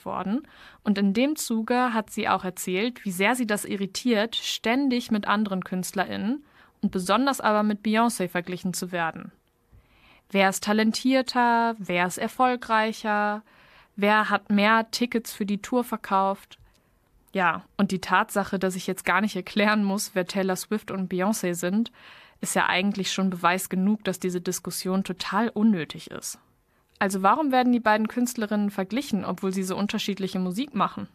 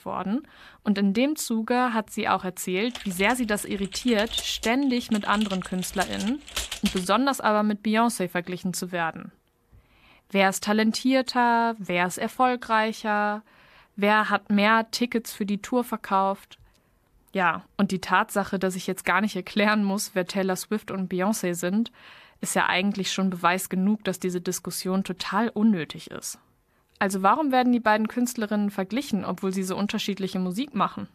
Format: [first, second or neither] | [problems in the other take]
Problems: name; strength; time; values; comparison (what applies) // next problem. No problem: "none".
first | keyboard typing; noticeable; from 3 to 7 s; peak 4 dB below the speech